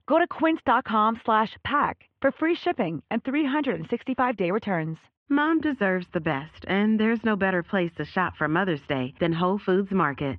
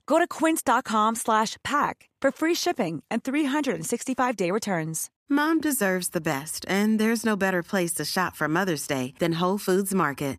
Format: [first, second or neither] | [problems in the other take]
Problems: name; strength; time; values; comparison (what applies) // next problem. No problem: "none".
second | muffled; very; fading above 3 kHz